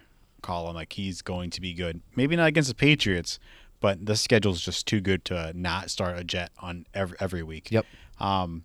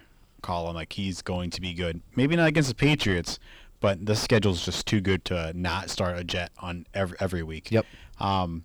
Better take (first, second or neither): first